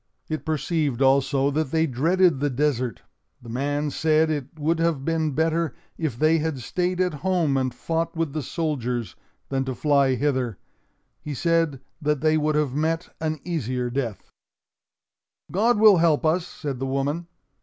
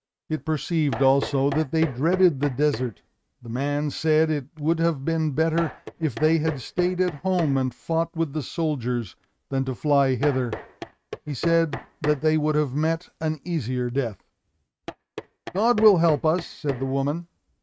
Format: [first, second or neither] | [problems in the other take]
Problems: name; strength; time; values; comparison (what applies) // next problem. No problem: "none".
first | noise reduction (neural mask model RNNoise)